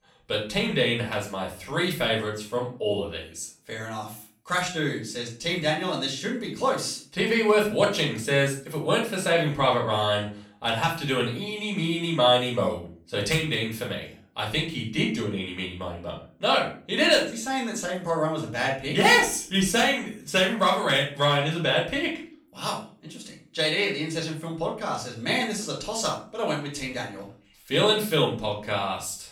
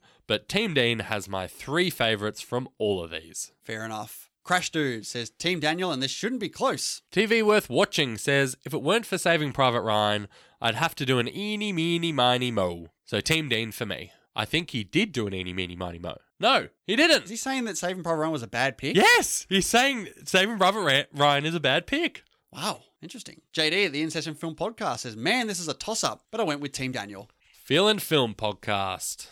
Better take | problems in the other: second | off-mic speech; far // room echo; slight; dies away in 0.4 s

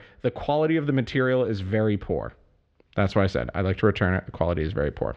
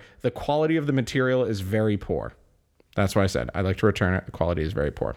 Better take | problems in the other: second | muffled; very slightly; fading above 4 kHz

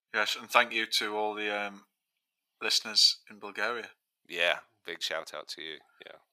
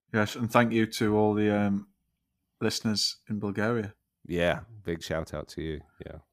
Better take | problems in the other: second | thin; very; fading below 750 Hz

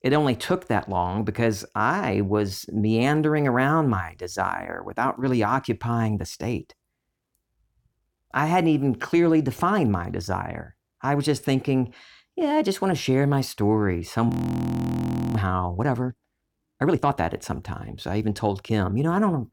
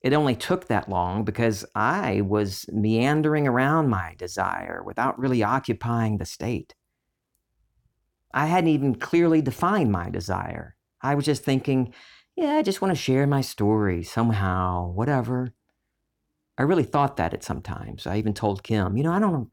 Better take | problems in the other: second | audio freezing; at 14 s for 1 s

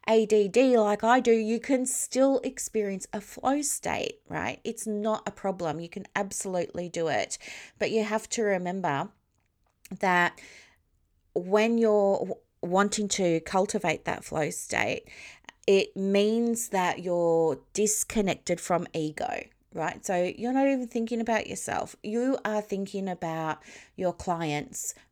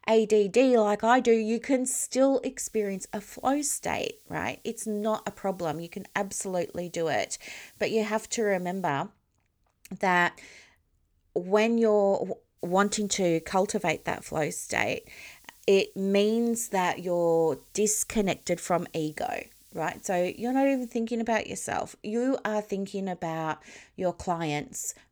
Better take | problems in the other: first | hiss; faint; from 2.5 to 9 s and from 13 to 21 s; 25 dB below the speech

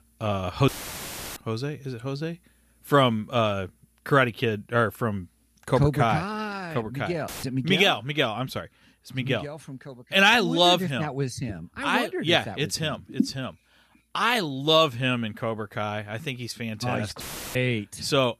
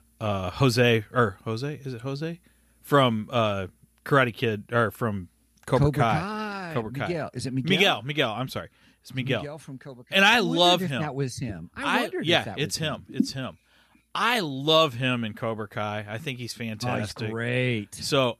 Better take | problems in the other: second | audio cutting out; filled with static; at 0.5 s for 0.5 s, at 7.5 s and at 17 s

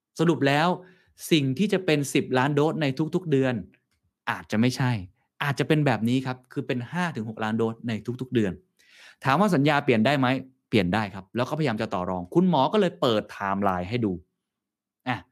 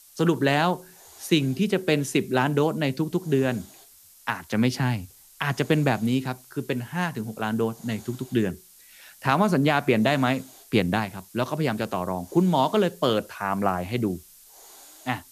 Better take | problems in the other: first | hiss; faint; throughout; 25 dB below the speech

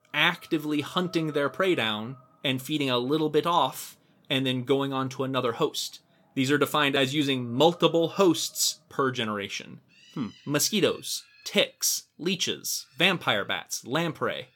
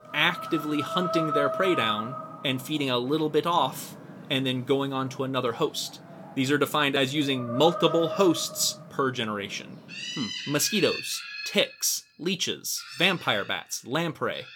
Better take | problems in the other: first | animal sounds; loud; throughout; 8 dB below the speech; faint in the first

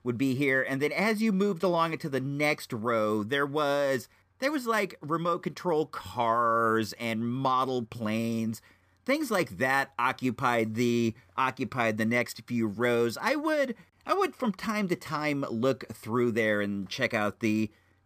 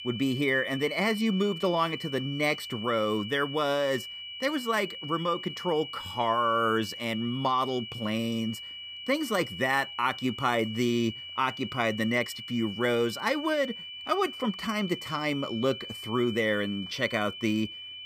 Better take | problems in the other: first | high-pitched whine; loud; throughout; 3 kHz, 9 dB below the speech

